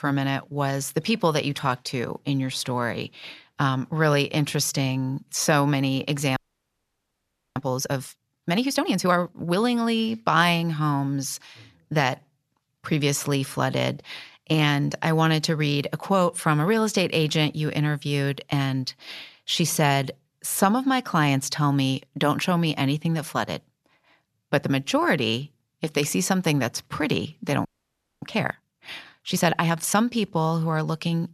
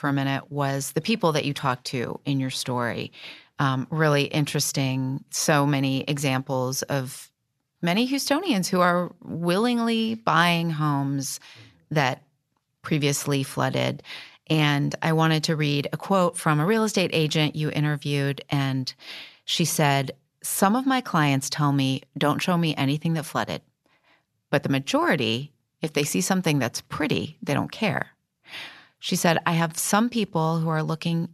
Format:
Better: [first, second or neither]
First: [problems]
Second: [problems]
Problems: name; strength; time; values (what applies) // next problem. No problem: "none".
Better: second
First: audio freezing; at 6.5 s for 1 s and at 28 s for 0.5 s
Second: none